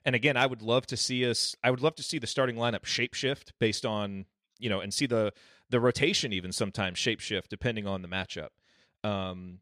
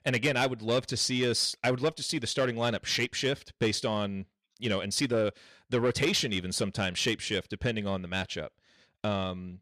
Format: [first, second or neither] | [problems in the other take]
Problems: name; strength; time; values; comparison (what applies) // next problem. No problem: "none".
first | distortion; slight; 10 dB below the speech